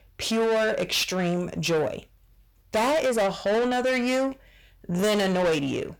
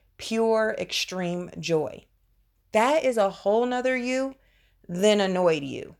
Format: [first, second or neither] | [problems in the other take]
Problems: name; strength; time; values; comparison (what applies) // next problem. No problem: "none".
second | distortion; heavy; 7 dB below the speech